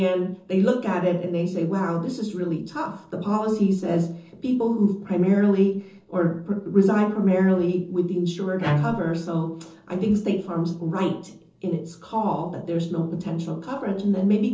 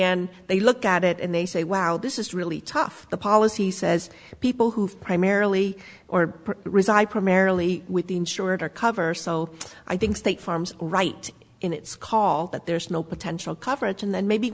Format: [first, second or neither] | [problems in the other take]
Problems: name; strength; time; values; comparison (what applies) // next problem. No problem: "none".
second | noise reduction (neural separator model SepFormer DNS4)